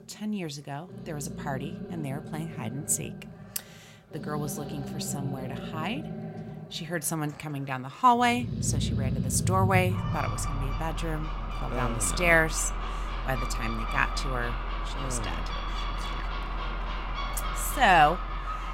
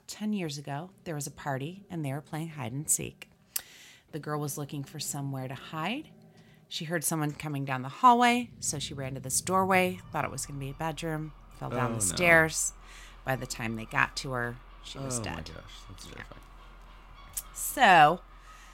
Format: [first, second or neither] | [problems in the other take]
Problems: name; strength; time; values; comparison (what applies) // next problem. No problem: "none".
second | animal sounds; loud; throughout; 5 dB below the speech; faint in the second